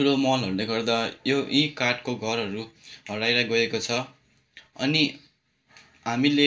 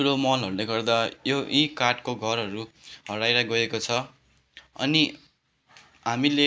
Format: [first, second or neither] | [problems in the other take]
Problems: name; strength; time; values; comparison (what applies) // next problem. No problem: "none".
second | room echo; dies away in 0.2 s